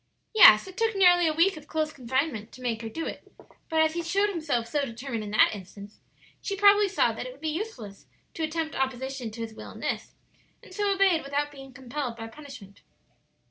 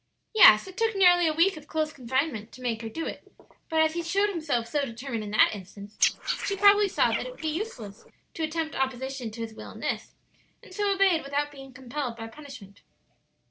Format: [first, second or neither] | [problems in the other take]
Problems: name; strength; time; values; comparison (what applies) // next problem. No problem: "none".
first | noise reduction (neural separator model SepFormer DNS4)